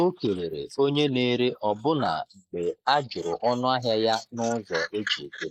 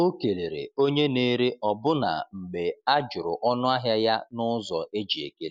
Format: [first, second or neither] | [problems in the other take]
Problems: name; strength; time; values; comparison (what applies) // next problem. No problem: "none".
second | noise reduction (neural mask model Resemble Enhance denoiser)